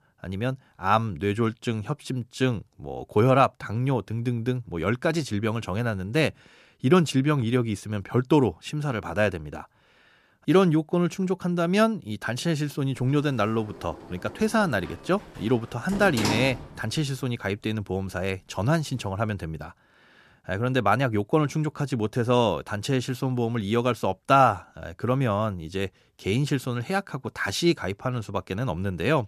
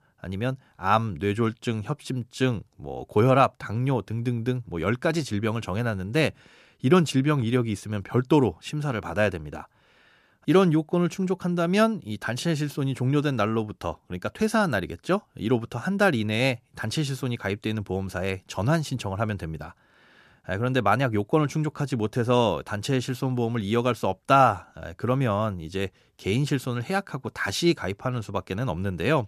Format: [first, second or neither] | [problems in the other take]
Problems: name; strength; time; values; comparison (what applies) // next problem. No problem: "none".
second | door banging; noticeable; from 13 to 17 s; peak 2 dB below the speech